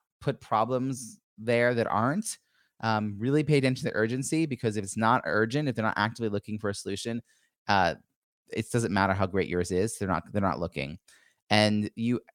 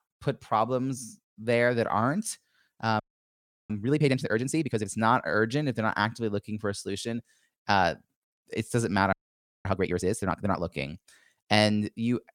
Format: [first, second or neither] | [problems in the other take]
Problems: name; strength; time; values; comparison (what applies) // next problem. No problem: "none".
first | audio freezing; at 3 s for 0.5 s and at 9 s for 0.5 s